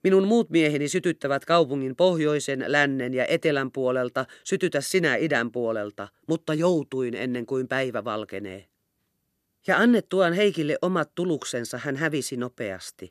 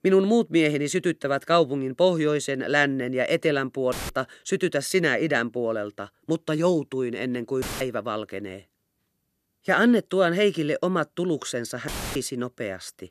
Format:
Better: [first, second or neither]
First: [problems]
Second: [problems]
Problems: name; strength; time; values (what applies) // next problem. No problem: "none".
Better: first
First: none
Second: audio cutting out; filled with static; at 4 s, at 7.5 s and at 12 s